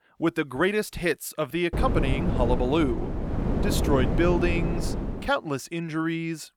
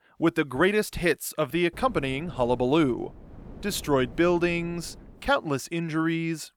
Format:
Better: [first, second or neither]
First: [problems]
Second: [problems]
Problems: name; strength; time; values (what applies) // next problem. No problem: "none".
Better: second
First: wind noise on the microphone; heavy; from 1.5 to 5.5 s; 6 dB below the speech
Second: wind noise on the microphone; occasional gusts; from 1.5 to 5.5 s; 25 dB below the speech